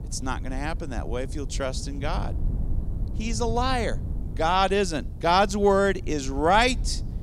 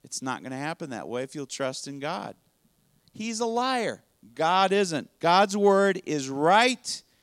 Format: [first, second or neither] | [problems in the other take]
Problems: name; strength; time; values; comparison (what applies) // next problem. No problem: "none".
second | low rumble; faint; throughout; 25 dB below the speech